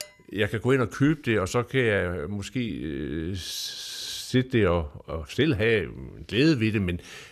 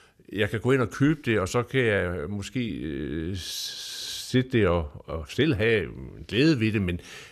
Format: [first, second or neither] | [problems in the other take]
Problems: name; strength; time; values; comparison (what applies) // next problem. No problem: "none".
second | clattering dishes; faint; at the start; peak 15 dB below the speech